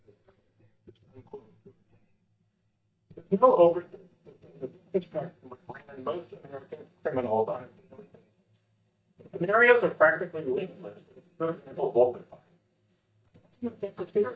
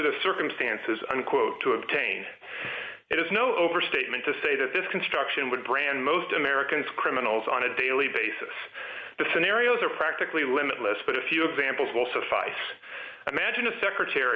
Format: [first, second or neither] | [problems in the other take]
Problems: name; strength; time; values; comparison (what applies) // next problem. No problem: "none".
second | noise reduction (neural mask model DeepFilterNet 3)